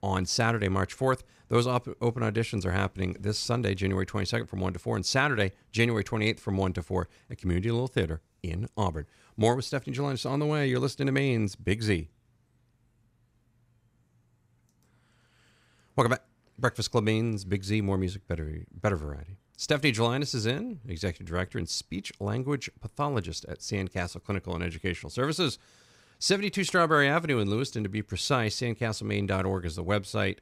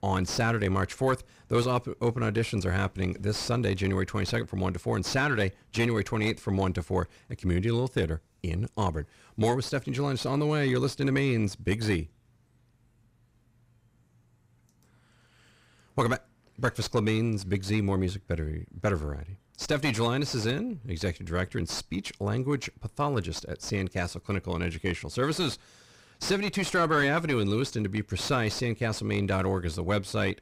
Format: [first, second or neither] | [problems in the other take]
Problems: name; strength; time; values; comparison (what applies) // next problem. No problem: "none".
first | distortion; slight; 9 dB below the speech